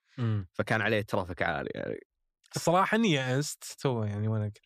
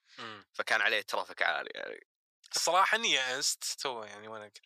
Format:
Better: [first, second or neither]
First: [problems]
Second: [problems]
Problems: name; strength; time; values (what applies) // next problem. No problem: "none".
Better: first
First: none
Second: thin; very; fading below 800 Hz